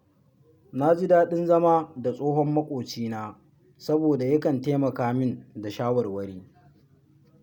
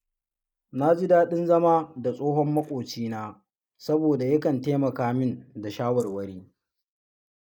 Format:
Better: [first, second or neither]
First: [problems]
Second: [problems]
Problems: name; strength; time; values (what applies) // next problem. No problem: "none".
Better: first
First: none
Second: noise reduction (neural mask model Resemble Enhance denoiser)